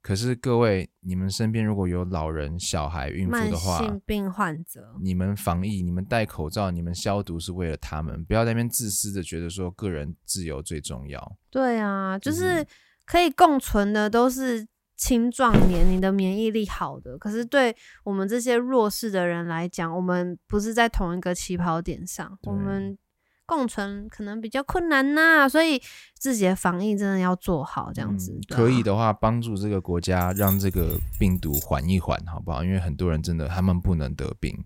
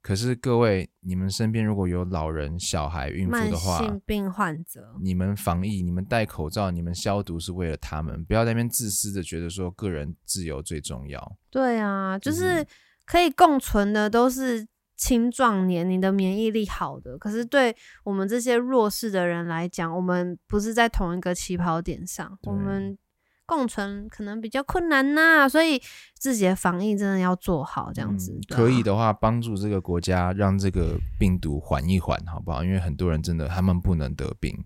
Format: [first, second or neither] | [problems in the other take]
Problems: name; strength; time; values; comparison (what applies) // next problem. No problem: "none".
second | footsteps; loud; at 16 s; peak 3 dB above the speech // jangling keys; noticeable; from 30 to 32 s; peak 3 dB below the speech